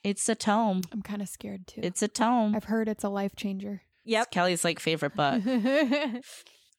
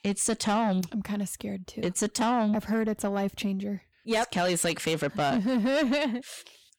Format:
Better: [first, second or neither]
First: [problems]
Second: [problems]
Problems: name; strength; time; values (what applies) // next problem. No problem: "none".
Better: first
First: none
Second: distortion; slight; 10 dB below the speech